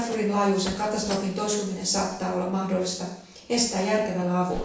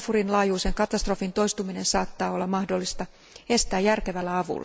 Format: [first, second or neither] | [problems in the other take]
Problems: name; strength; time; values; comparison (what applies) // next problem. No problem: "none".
second | background sound (Slam); 17 dB below the speech // room echo; dies away in 0.7 s